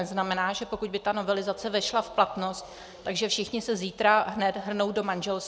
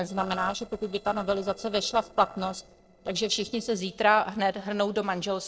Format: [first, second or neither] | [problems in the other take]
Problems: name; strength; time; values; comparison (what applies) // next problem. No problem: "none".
first | noise reduction (neural separator model SepFormer DNS4)